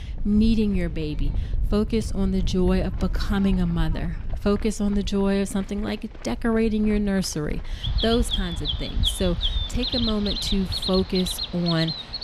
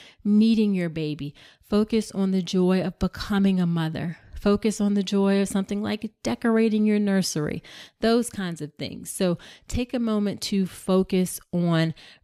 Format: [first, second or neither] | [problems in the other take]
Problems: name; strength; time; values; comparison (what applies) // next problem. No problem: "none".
second | animal sounds; loud; throughout; 4 dB below the speech